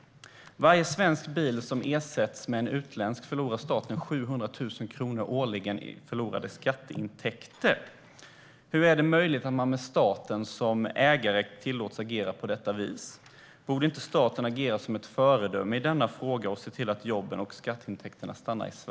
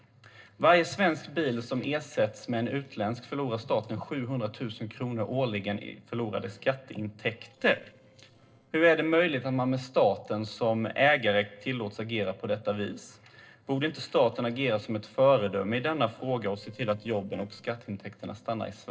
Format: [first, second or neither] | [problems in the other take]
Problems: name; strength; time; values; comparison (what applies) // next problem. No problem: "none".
first | noise reduction (neural separator model SepFormer DNS4)